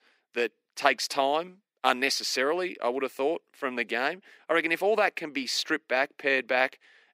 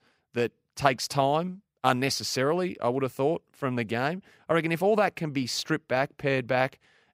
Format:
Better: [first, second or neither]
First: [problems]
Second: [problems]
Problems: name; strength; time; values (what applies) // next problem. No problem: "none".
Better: second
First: thin; somewhat; fading below 300 Hz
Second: none